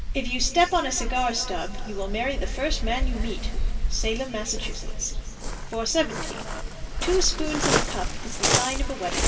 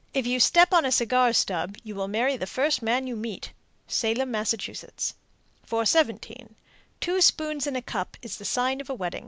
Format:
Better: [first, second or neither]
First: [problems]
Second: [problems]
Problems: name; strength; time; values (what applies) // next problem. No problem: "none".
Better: second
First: background sound (Waves, surf); 2 dB above the speech // room echo; dies away in 3 s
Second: none